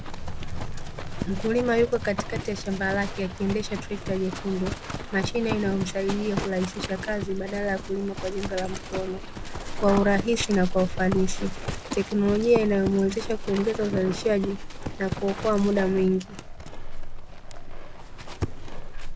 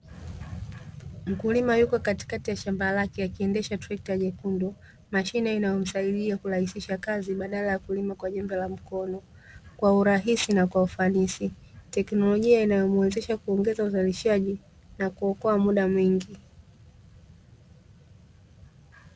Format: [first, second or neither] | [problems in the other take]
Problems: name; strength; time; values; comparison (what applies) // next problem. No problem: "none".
second | background sound (Livestock, farm animals, working animals); 5 dB below the speech